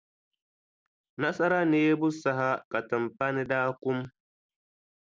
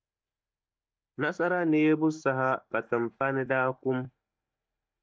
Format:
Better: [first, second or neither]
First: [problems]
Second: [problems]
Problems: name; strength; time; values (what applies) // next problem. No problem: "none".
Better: first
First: none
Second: noise reduction (neural mask model DeepFilterNet 3)